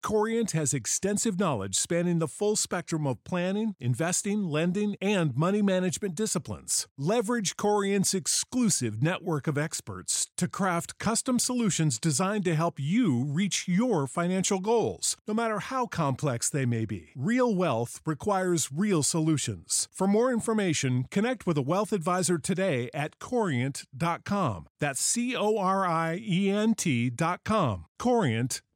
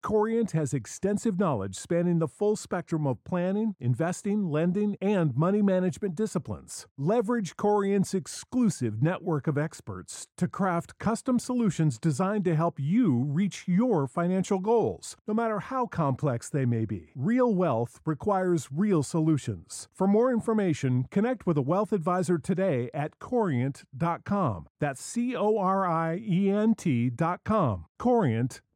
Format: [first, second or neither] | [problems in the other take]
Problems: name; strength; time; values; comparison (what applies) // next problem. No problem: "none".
first | muffled; slightly; fading above 2 kHz